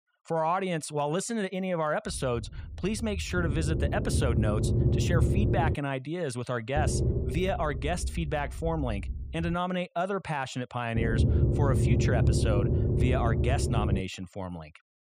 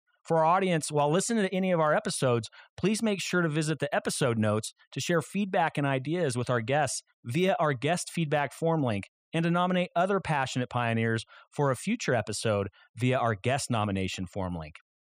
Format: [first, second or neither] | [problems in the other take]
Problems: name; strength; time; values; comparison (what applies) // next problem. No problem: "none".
second | low rumble; loud; from 2 to 5.5 s, from 7 to 9.5 s and from 11 to 14 s; 5 dB below the speech